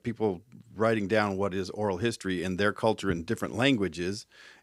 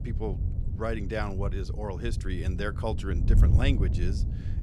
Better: first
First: none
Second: wind noise on the microphone; heavy; 8 dB below the speech

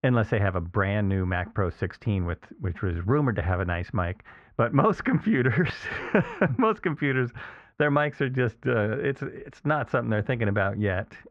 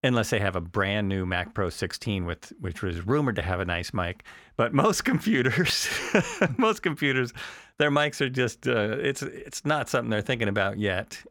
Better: second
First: muffled; very; fading above 1.5 kHz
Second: none

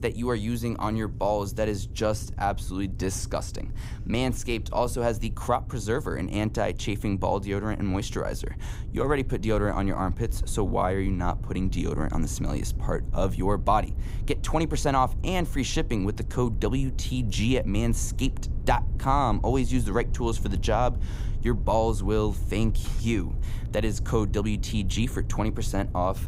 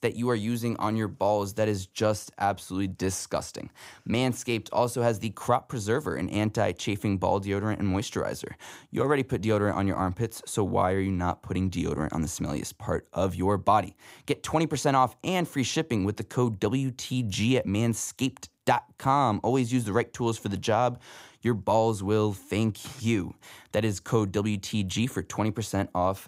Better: second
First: low rumble; noticeable; throughout; 20 dB below the speech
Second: none

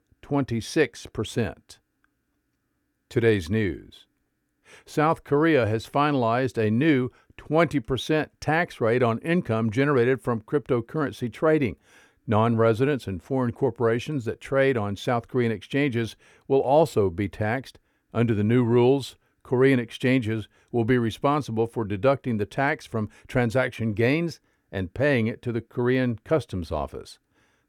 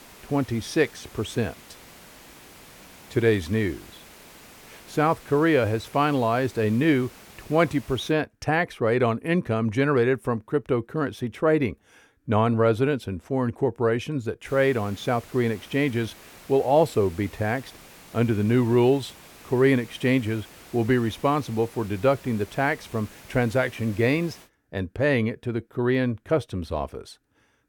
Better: first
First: none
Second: hiss; faint; until 8 s and from 14 to 24 s; 20 dB below the speech

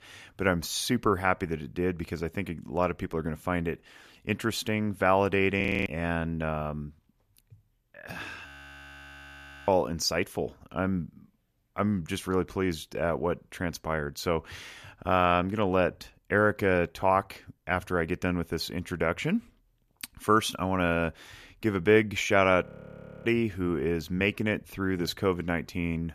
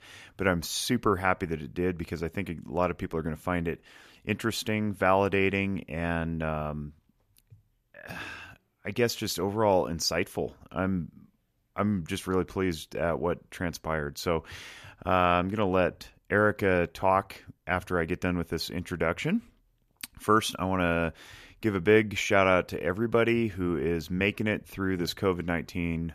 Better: second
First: audio freezing; at 5.5 s, at 8.5 s for 1 s and at 23 s for 0.5 s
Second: none

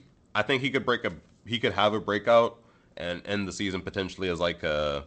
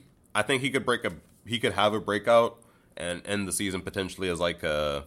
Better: second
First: garbled, watery; slightly; nothing above 8 kHz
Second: none

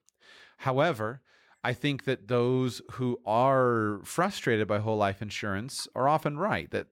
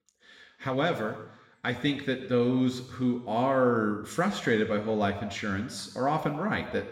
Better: first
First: none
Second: room echo; slight; dies away in 0.9 s

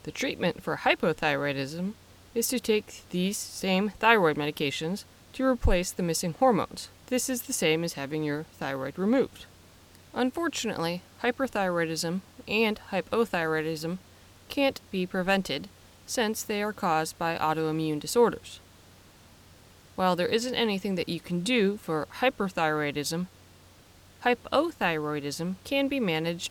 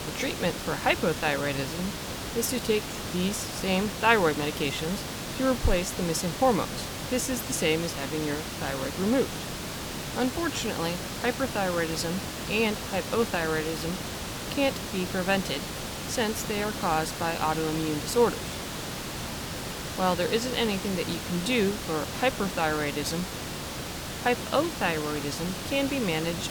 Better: first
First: hiss; faint; throughout; 25 dB below the speech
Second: hiss; loud; throughout; 5 dB below the speech

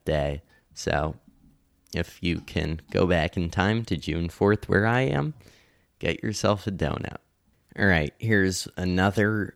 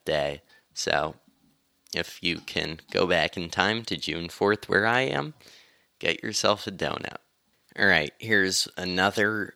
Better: first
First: none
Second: thin; somewhat; fading below 1 kHz

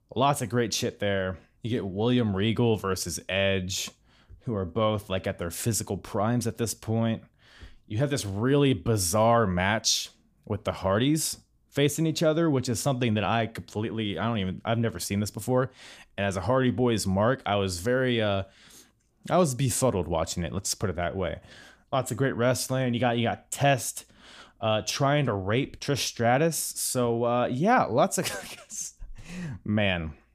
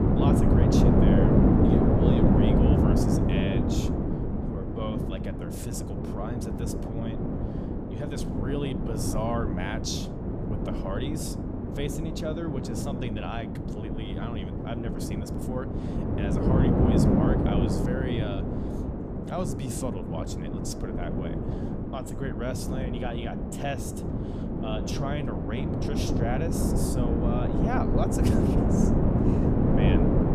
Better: first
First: none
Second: wind noise on the microphone; heavy; 4 dB above the speech

